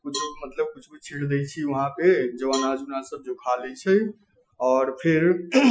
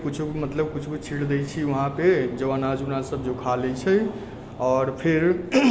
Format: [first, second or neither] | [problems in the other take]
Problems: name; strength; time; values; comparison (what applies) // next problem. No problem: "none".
second | noise reduction (classical method Wiener filter)